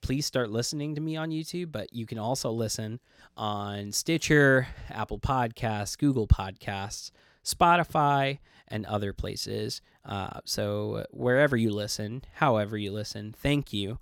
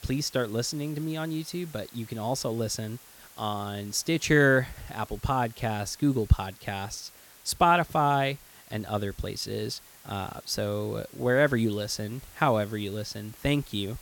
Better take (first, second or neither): first